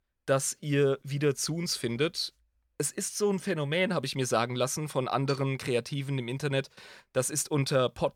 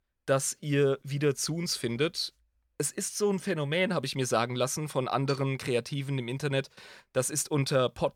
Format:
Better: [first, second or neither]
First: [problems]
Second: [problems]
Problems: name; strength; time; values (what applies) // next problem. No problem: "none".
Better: neither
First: none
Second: none